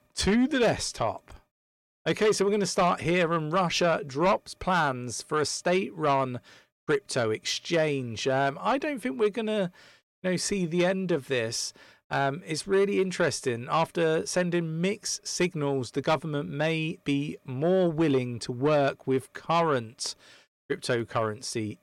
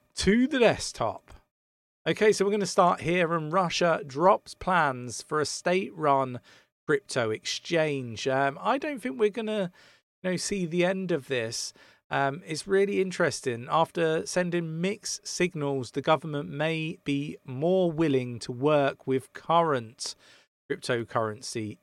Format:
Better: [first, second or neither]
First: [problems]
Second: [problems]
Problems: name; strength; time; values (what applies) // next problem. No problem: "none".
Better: second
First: distortion; slight; 10 dB below the speech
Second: none